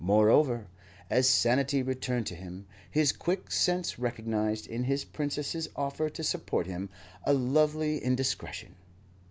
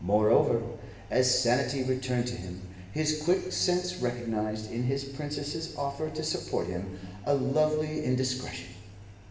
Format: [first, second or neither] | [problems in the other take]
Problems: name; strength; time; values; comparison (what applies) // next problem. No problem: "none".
first | background sound (Engine); 18 dB below the speech // room echo; dies away in 1.1 s